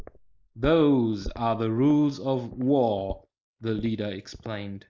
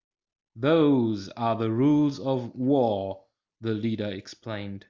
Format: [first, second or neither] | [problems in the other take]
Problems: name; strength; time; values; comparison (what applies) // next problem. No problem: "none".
second | noise reduction (neural mask model Resemble Enhance denoiser)